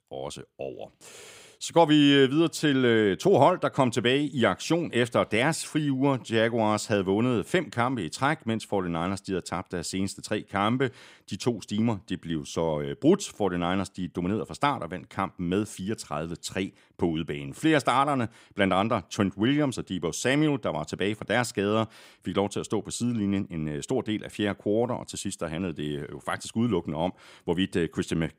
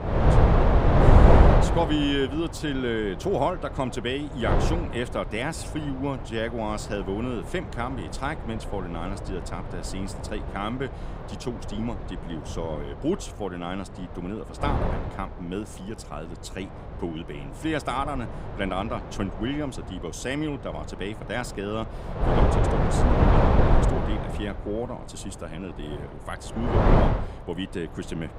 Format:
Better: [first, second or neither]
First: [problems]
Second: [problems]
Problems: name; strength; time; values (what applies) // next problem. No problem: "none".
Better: first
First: none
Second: wind noise on the microphone; heavy; 3 dB above the speech